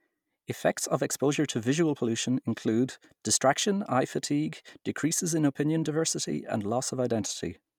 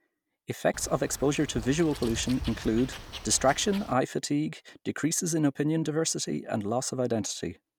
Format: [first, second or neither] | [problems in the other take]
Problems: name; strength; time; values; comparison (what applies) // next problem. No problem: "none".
first | background sound (Wild animals); 12 dB below the speech